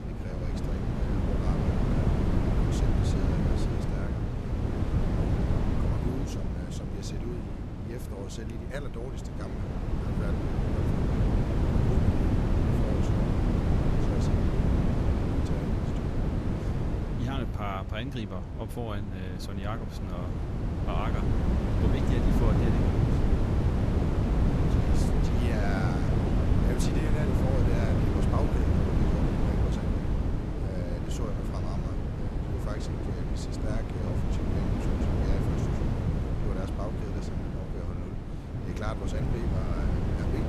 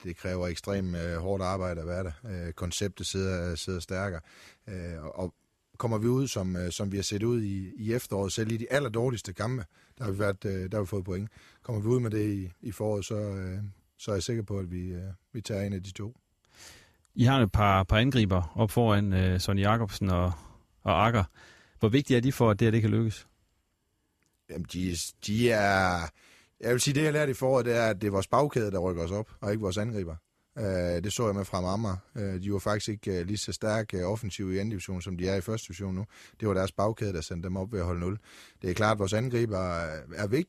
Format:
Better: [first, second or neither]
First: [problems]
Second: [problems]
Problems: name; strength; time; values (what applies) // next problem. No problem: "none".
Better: second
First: wind noise on the microphone; heavy; 5 dB above the speech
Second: none